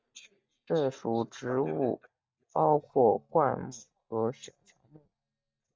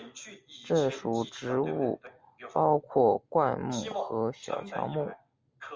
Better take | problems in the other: second | noise reduction (neural mask model DeepFilterNet 3)

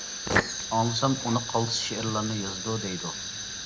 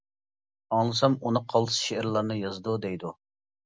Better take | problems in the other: second | background sound (Fire); 3 dB below the speech // room echo; dies away in 1.3 s

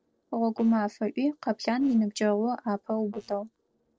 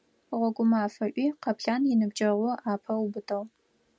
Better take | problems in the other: second | noise reduction (neural separator model SepFormer DNS4)

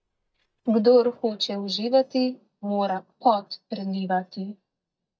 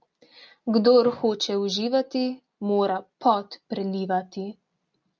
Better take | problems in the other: second | noise reduction (neural mask model DeepFilterNet 3)

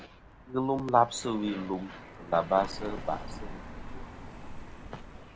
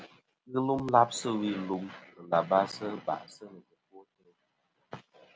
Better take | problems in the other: second | background sound (Car passing by); 11 dB below the speech

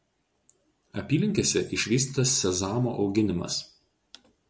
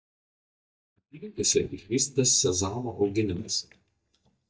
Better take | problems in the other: first | noise reduction (neural mask model DeepFilterNet 3)

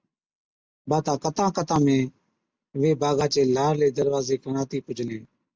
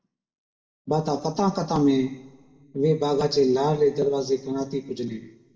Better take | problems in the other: first | room echo; dies away in 1 s

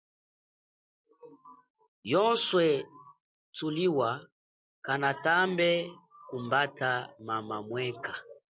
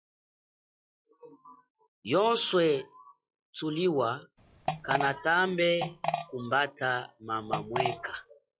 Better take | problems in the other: first | noise reduction (classical method log-MMSE)

